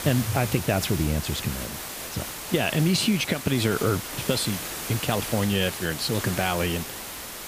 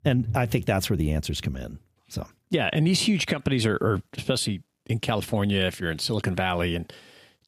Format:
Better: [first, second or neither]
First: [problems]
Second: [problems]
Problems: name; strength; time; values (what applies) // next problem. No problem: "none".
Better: second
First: hiss; loud; throughout; 7 dB below the speech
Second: none